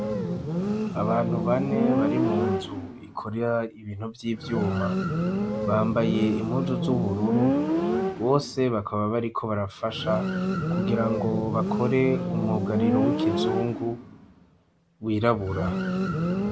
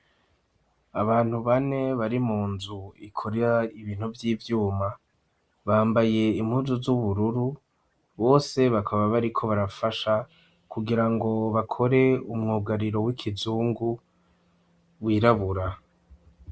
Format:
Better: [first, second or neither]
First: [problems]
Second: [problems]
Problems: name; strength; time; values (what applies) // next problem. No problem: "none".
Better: second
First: background sound (Motorcycle); 1 dB above the speech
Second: none